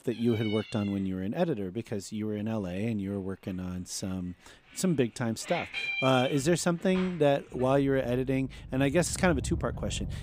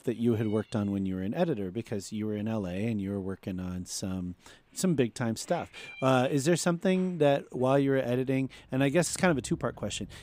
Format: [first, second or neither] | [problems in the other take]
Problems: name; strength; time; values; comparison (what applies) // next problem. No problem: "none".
second | animal sounds; loud; throughout; 9 dB below the speech; faint in the second